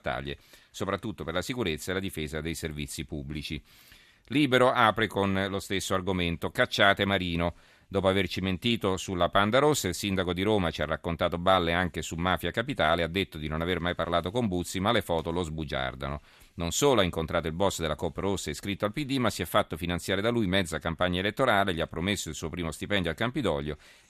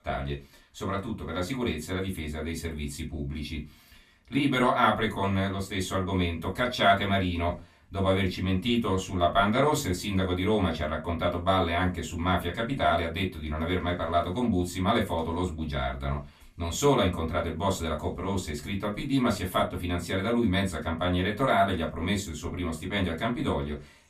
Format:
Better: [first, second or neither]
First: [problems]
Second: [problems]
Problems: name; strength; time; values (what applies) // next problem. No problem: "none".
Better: first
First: none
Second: off-mic speech; far // room echo; very slight; dies away in 0.2 s